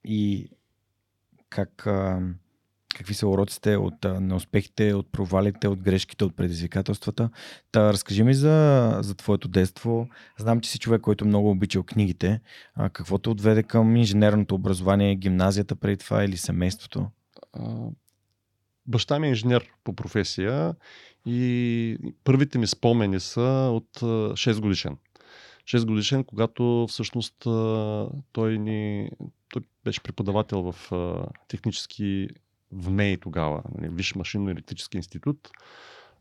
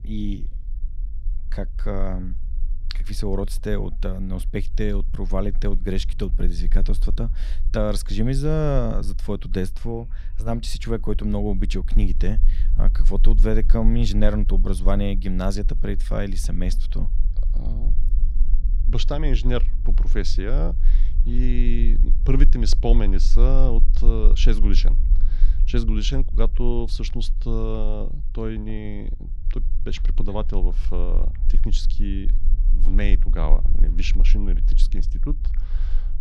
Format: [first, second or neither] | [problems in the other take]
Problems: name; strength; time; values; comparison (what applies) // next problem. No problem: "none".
first | low rumble; noticeable; throughout; 20 dB below the speech